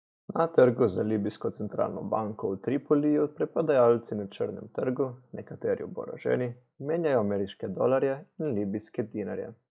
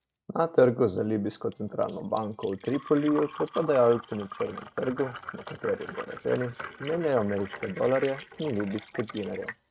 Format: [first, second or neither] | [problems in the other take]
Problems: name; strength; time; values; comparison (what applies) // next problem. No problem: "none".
first | noise reduction (neural mask model RNNoise)